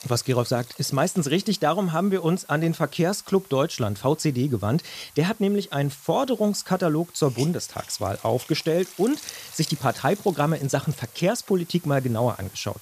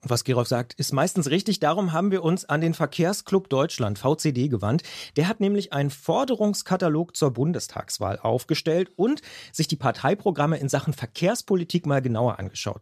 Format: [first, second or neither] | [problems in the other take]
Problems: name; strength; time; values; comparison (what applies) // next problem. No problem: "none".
second | hiss; noticeable; throughout; 20 dB below the speech